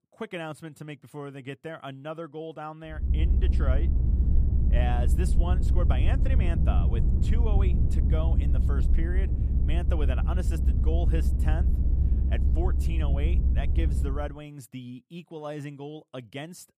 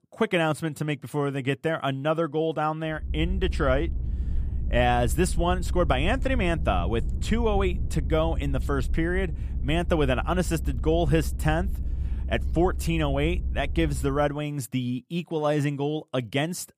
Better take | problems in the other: second | low rumble; loud; from 3 to 14 s; 3 dB below the speech; faint in the second

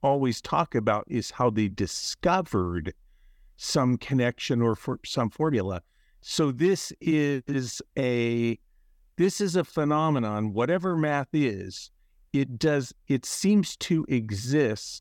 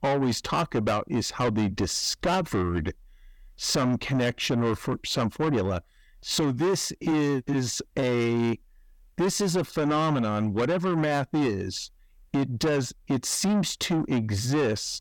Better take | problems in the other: first | distortion; heavy; 7 dB below the speech

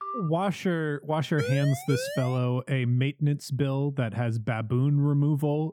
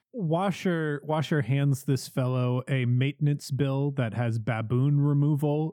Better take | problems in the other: second | phone ringing; noticeable; at the start; peak 9 dB below the speech // siren; noticeable; from 1.5 to 2.5 s; peak 6 dB below the speech

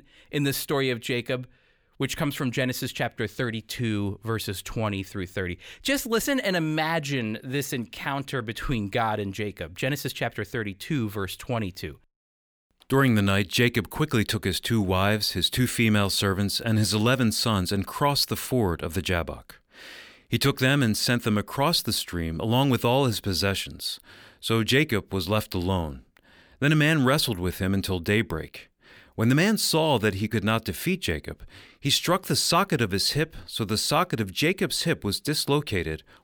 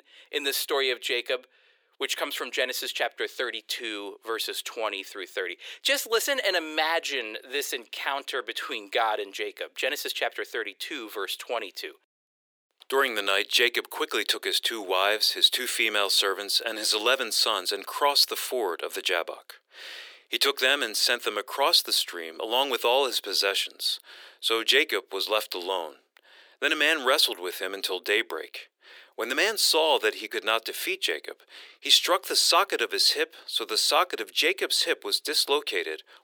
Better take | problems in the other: first | thin; very; fading below 350 Hz

